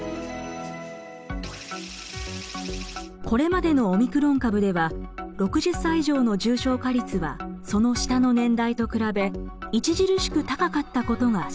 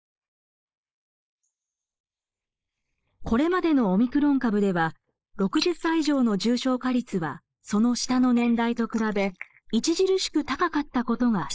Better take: first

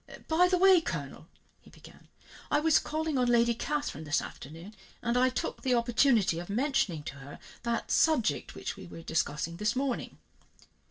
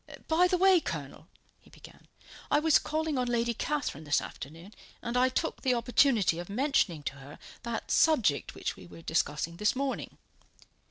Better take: second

